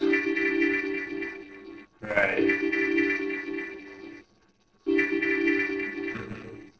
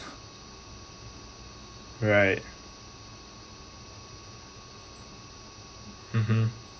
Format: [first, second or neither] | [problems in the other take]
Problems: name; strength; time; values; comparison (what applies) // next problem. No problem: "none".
second | noise reduction (neural separator model SepFormer DNS4)